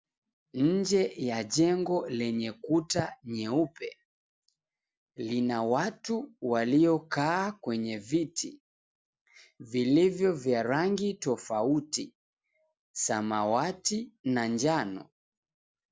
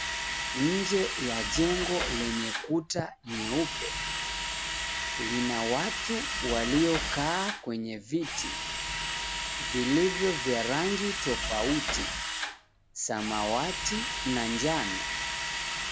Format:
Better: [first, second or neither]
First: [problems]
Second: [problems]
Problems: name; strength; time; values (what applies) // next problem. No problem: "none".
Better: first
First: none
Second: background sound (Drill); 2 dB below the speech